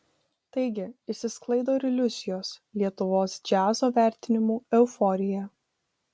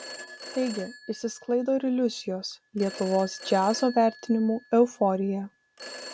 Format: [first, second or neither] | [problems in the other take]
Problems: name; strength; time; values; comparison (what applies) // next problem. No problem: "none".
first | background sound (Telephone); 17 dB below the speech